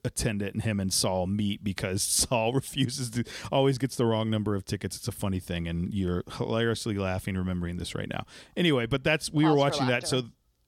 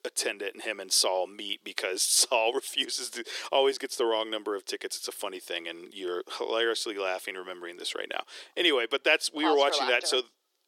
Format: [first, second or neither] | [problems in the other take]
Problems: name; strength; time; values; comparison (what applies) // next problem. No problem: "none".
first | thin; very; fading below 350 Hz